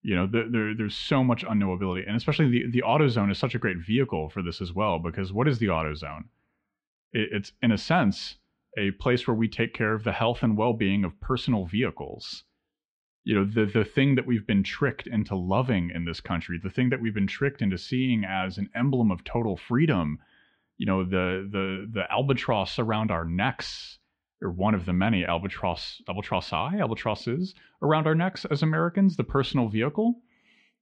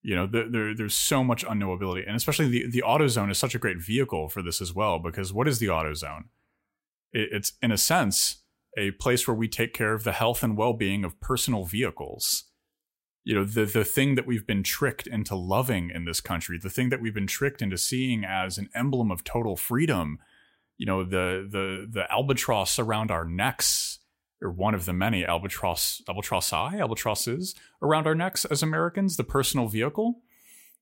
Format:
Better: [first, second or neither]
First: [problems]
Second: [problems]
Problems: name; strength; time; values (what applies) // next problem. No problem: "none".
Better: second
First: muffled; slightly; fading above 4 kHz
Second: none